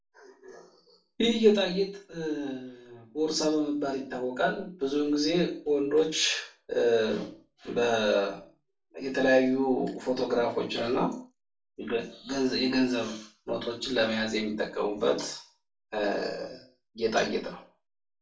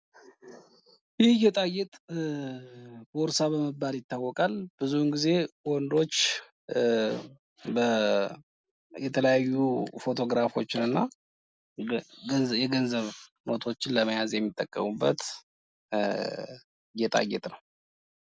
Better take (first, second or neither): second